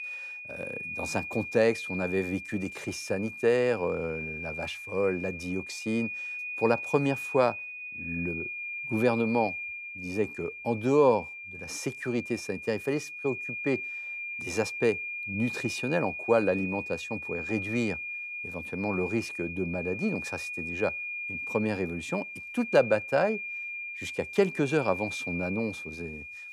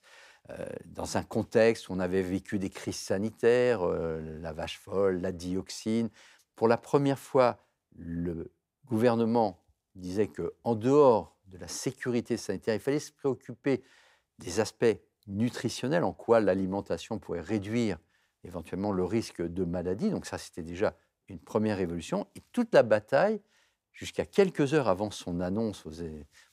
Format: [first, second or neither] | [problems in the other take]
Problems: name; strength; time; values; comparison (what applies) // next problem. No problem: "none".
second | high-pitched whine; loud; throughout; 2.5 kHz, 6 dB below the speech